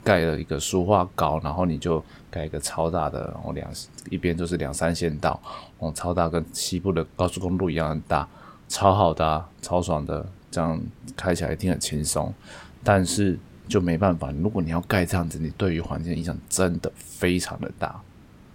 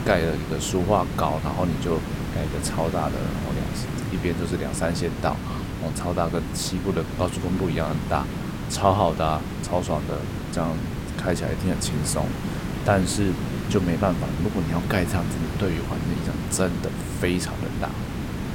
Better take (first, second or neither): first